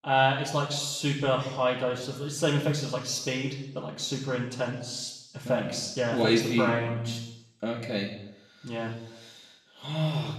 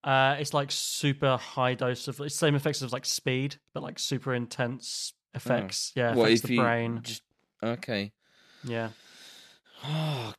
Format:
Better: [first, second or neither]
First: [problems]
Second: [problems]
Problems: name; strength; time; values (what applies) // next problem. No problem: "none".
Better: second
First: room echo; noticeable; dies away in 0.8 s // off-mic speech; far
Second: none